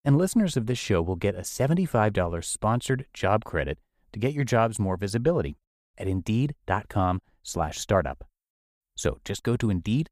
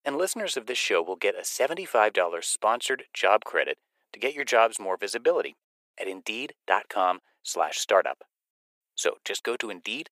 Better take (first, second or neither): first